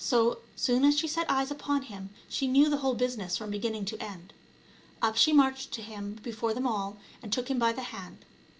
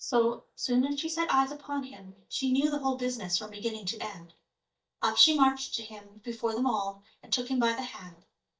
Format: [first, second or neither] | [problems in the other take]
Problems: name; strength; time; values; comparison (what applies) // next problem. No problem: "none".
first | noise reduction (neural mask model DeepFilterNet 3)